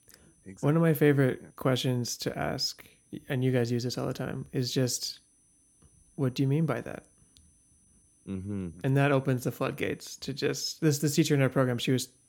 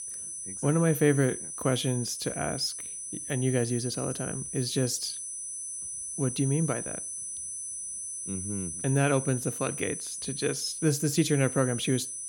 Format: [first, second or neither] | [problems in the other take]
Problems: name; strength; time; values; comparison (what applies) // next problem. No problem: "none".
first | high-pitched whine; loud; throughout; 10 kHz, 6 dB below the speech; faint in the first